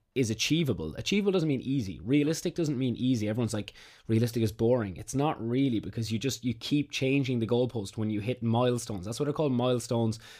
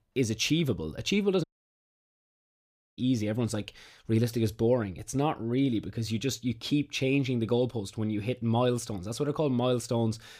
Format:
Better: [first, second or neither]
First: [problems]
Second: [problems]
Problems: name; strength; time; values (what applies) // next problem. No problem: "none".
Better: first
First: none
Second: audio cutting out; at 1.5 s for 1.5 s